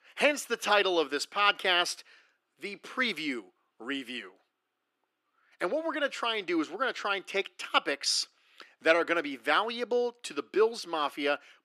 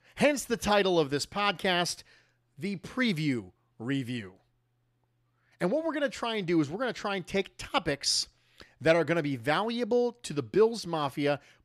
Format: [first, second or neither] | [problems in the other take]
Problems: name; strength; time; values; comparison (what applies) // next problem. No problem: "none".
second | thin; somewhat; fading below 300 Hz